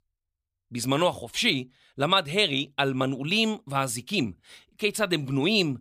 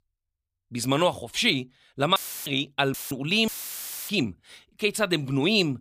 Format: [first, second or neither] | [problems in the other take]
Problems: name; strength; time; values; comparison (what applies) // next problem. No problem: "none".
first | audio cutting out; filled with static; at 2 s, at 3 s and at 3.5 s for 0.5 s